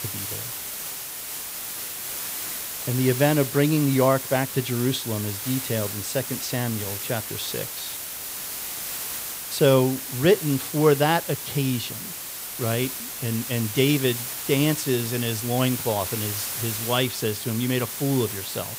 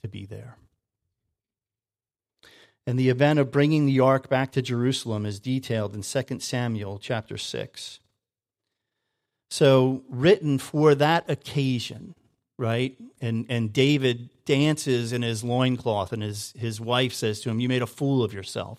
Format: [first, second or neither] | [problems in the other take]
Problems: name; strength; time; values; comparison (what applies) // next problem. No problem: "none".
second | hiss; loud; throughout; 5 dB below the speech